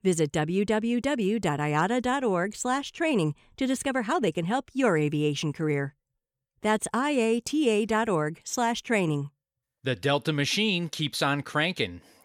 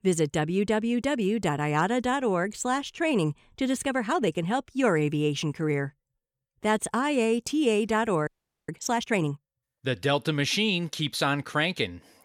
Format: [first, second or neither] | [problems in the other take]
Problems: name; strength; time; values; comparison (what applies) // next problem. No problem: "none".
first | audio freezing; at 8.5 s